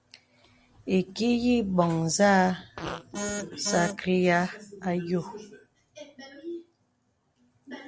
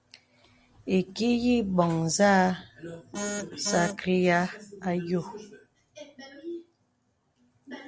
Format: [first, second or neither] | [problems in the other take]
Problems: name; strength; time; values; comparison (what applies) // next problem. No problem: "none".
second | background sound (Fart); 16 dB below the speech